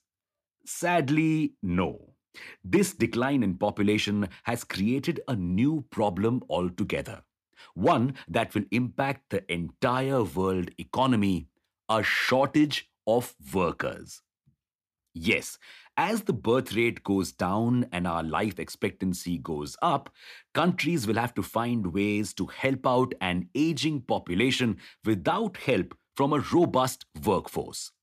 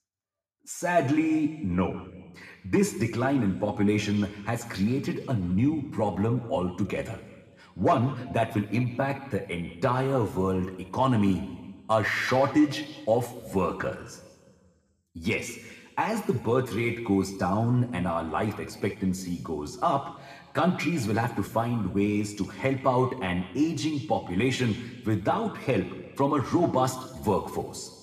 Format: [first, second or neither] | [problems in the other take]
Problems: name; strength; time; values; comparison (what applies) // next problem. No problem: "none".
first | room echo; slight; dies away in 1.3 s